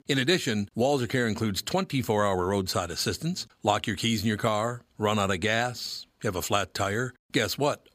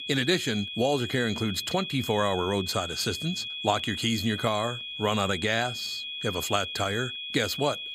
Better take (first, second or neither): first